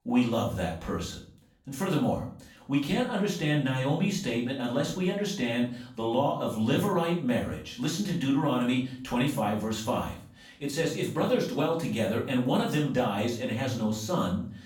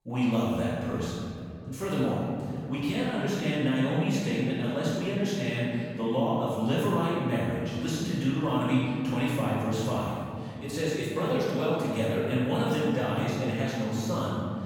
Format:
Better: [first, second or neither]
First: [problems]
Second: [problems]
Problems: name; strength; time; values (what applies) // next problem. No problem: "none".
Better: first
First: room echo; slight; dies away in 0.4 s // off-mic speech; far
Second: room echo; strong; dies away in 2.7 s // off-mic speech; far